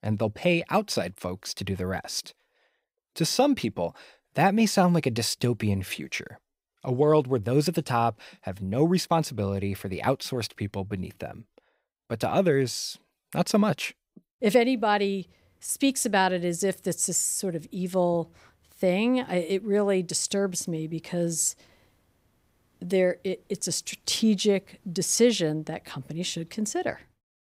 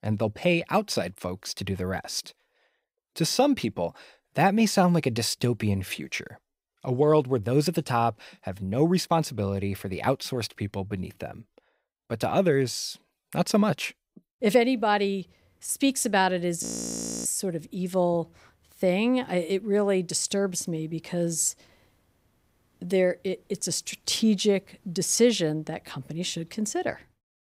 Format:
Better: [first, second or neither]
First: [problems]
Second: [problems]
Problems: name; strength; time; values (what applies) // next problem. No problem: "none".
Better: first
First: none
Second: audio freezing; at 17 s for 0.5 s